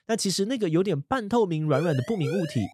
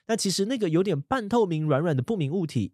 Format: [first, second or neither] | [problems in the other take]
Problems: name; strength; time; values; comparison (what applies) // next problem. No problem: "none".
second | siren; noticeable; at 1.5 s; peak 9 dB below the speech